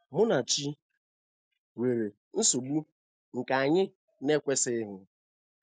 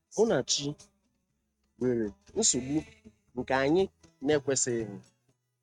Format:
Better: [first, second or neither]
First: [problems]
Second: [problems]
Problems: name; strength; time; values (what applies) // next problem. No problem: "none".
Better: first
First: none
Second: noise reduction (neural mask model RNNoise)